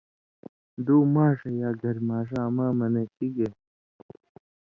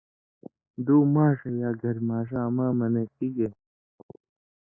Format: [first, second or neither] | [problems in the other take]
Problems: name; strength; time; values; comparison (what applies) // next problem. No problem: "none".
first | noise reduction (neural mask model Resemble Enhance denoiser)